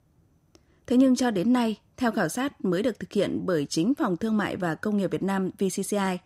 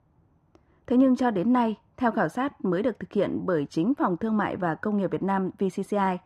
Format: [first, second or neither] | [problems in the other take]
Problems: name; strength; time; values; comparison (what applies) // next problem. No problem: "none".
first | muffled; very; fading above 3.5 kHz